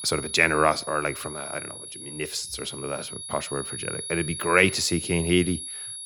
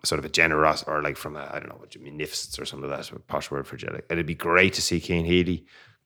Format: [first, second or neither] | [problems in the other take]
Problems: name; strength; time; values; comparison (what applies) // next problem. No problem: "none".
second | high-pitched whine; loud; throughout; 10.5 kHz, 9 dB below the speech